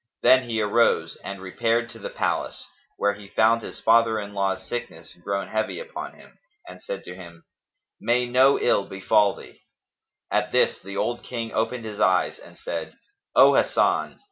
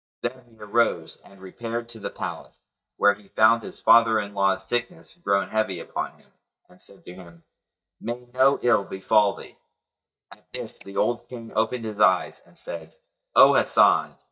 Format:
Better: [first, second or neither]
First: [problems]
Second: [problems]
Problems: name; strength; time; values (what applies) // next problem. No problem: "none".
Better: first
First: none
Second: noise reduction (neural mask model DeepFilterNet 3)